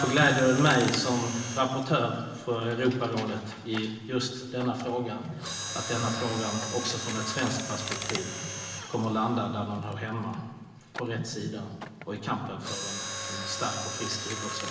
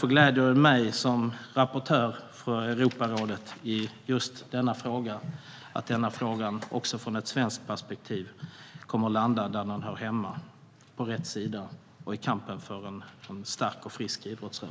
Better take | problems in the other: second | background sound (Mechanisms); 8 dB below the speech // room echo; dies away in 1.2 s

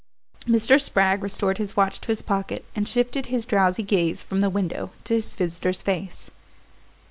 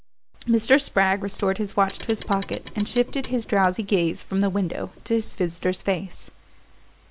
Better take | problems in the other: first | background sound (Clock); 19 dB below the speech

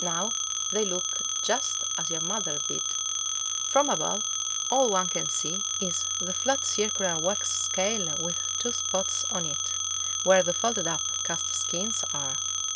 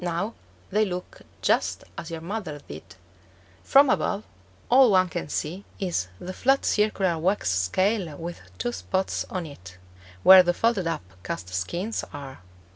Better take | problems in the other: second | background sound (Telephone); 2 dB above the speech

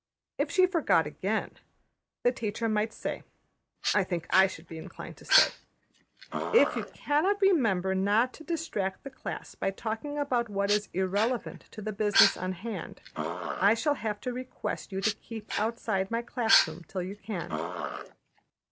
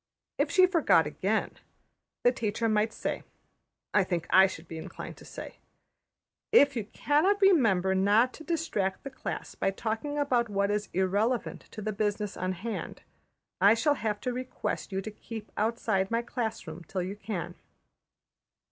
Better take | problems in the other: second | background sound (Dog); 3 dB below the speech

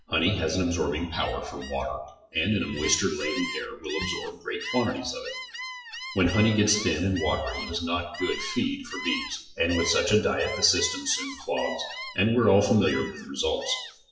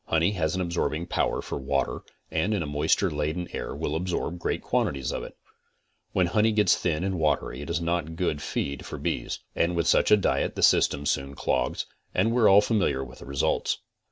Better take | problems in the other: second | noise reduction (classical method WPE with log-MMSE)

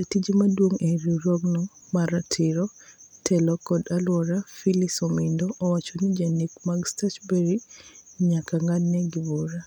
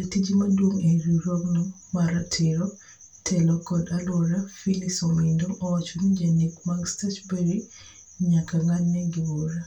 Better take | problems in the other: first | room echo; dies away in 0.2 s

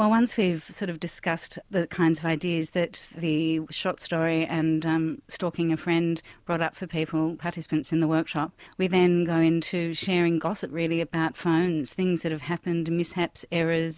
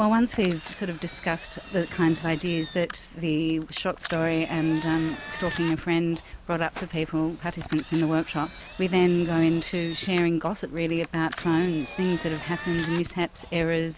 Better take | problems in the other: first | background sound (Engine); 14 dB below the speech

